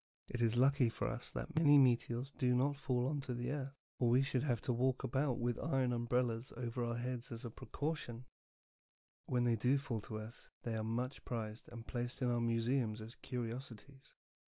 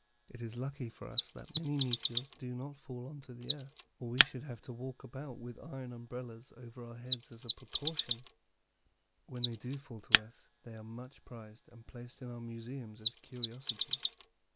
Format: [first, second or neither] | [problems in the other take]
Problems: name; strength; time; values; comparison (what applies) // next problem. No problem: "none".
first | background sound (Mechanisms); 2 dB above the speech